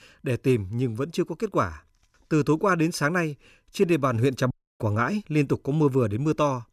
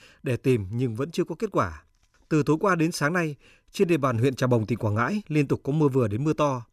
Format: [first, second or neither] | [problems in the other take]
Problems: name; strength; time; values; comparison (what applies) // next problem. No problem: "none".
second | audio cutting out; at 4.5 s